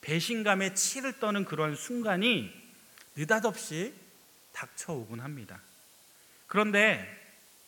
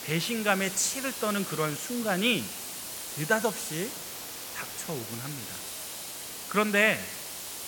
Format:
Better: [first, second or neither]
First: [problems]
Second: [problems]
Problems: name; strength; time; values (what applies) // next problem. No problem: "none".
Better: first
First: hiss; faint; throughout; 25 dB below the speech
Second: hiss; loud; throughout; 8 dB below the speech